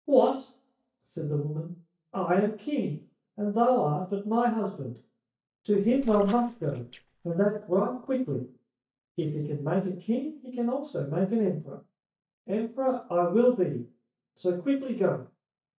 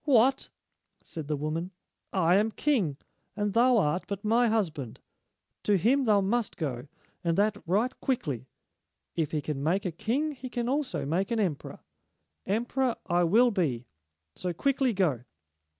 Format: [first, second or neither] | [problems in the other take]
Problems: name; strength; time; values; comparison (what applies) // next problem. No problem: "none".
second | noise reduction (neural mask model DeepFilterNet 3)